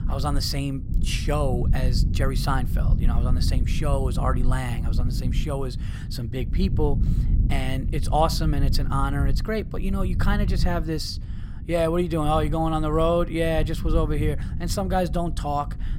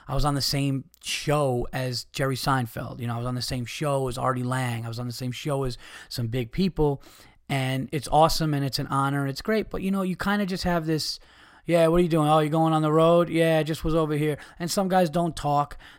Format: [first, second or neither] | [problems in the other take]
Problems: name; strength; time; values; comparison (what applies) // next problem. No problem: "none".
second | low rumble; noticeable; throughout; 15 dB below the speech